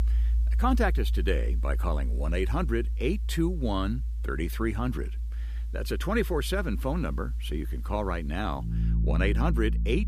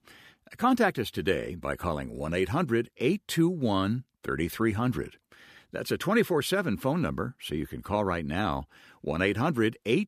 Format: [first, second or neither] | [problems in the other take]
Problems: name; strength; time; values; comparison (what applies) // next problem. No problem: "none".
second | background music; very loud; throughout; 1 dB above the speech